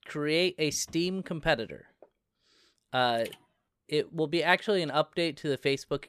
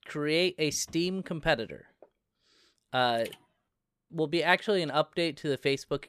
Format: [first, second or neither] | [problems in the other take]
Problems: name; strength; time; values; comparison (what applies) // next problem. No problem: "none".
first | audio freezing; at 4 s